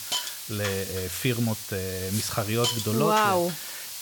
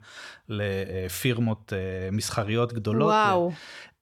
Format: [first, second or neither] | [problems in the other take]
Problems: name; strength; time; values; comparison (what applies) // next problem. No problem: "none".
second | hiss; loud; throughout; 4 dB below the speech